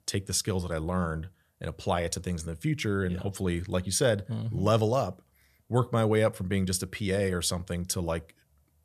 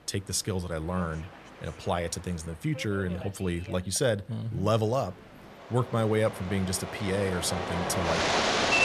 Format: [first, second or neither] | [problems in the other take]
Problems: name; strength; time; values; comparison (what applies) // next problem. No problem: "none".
first | train or aircraft noise; loud; throughout; 1 dB below the speech